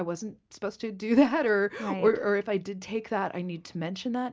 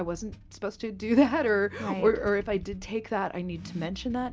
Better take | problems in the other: first | background sound (Accelerating, revving, vroom / Car); 16 dB below the speech

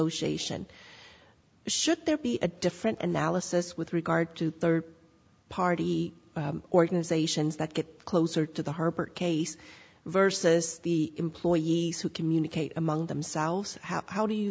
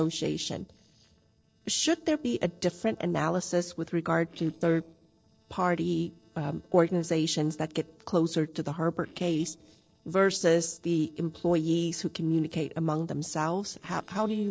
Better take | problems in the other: first | noise reduction (neural separator model SepFormer DNS4)

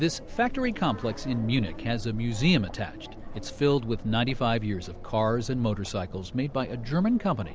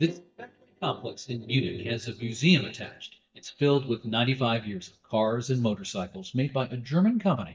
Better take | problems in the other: first | noise reduction (neural mask model DeepFilterNet 3)

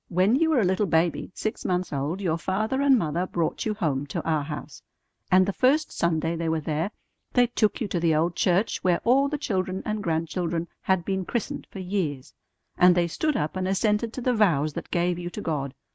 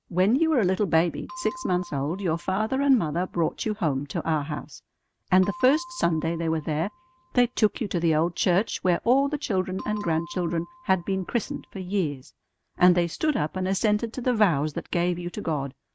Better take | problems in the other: first | background sound (Bell); 20 dB below the speech

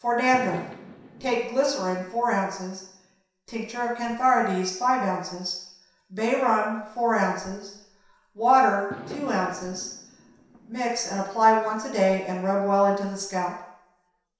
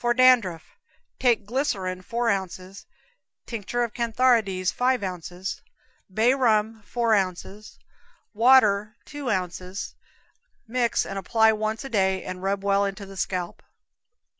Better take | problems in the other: second | background sound (Fireworks); 19 dB below the speech // room echo; dies away in 0.7 s

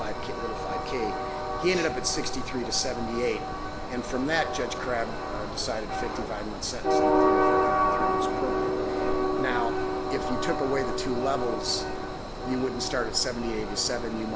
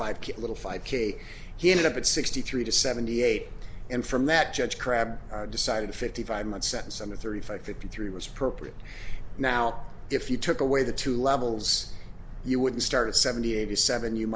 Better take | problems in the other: second | background sound (Train); 2 dB above the speech

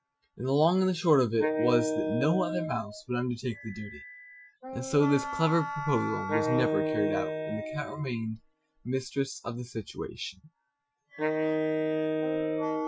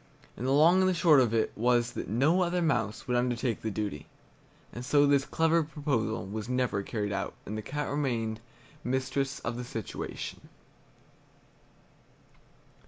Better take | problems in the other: second | noise reduction (classical method Wiener filter)

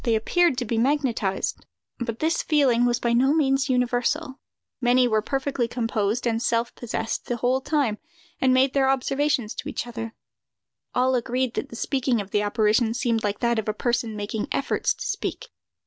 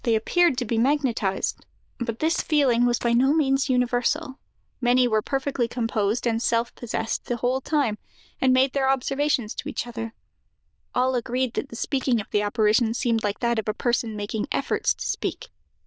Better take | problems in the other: first | noise reduction (neural diffusion model UNIVERSE++)

